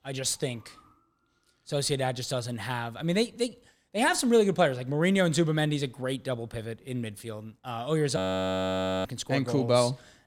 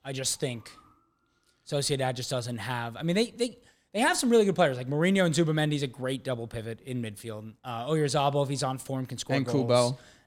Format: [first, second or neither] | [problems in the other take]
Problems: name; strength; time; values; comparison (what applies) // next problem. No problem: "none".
second | audio freezing; at 8 s for 1 s